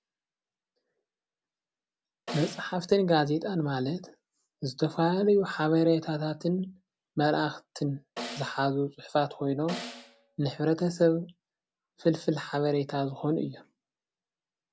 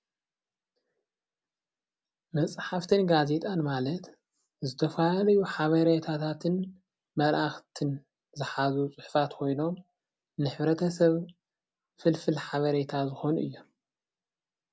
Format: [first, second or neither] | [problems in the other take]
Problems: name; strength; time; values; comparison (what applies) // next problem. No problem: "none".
second | background sound (Snare drum); 13 dB below the speech